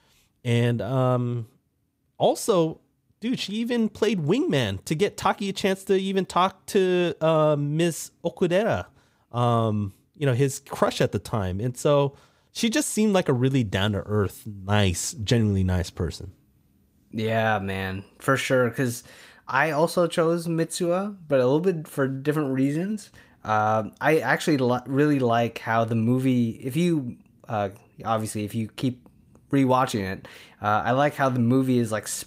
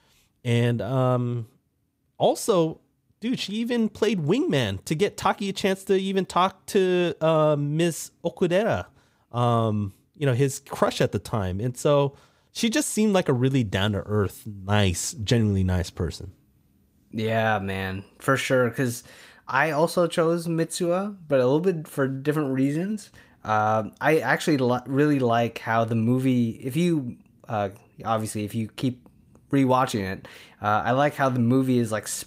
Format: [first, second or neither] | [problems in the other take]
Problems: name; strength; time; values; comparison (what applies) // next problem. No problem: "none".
neither | none